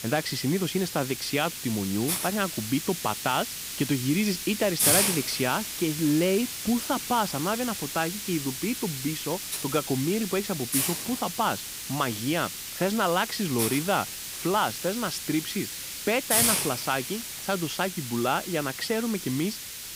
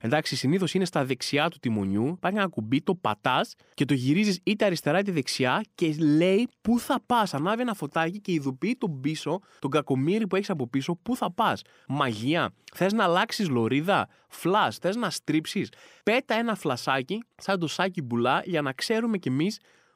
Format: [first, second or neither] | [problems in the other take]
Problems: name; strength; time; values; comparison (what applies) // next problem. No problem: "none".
second | hiss; loud; throughout; 2 dB below the speech